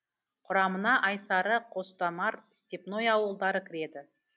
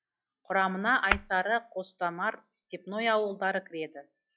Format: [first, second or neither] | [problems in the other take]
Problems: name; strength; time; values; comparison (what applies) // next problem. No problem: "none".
first | noise reduction (classical method log-MMSE)